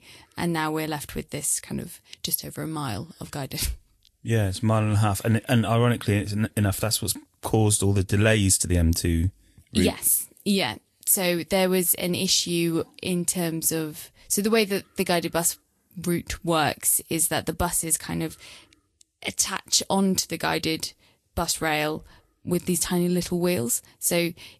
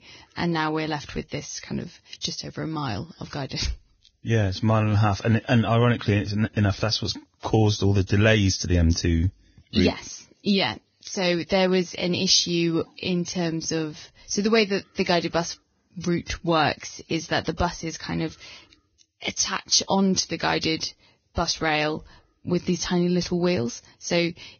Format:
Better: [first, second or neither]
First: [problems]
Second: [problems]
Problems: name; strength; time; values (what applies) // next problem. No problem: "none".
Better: first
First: garbled, watery; slightly; nothing above 12.5 kHz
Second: garbled, watery; badly; nothing above 6.5 kHz